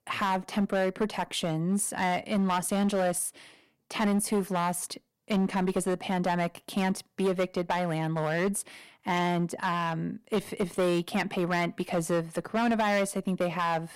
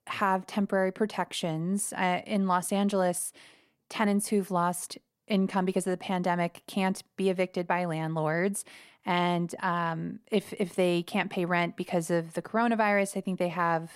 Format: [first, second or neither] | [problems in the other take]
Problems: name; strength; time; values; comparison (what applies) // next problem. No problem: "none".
second | distortion; slight; 8% of the sound clipped